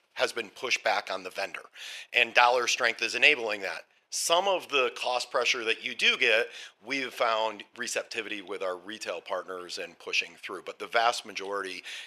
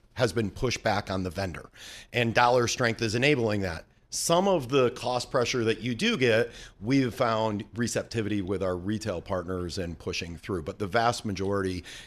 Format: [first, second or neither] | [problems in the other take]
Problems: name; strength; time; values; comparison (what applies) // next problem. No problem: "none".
second | thin; very; fading below 650 Hz